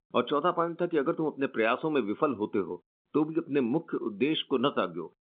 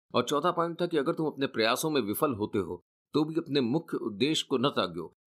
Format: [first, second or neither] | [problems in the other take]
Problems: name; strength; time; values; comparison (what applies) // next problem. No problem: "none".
second | phone-call audio; nothing above 3 kHz